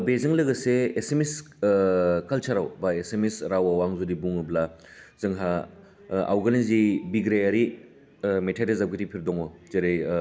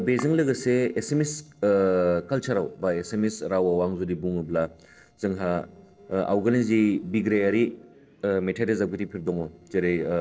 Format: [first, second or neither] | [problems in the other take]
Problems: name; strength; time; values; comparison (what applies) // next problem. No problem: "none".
first | noise reduction (neural separator model SepFormer DNS4)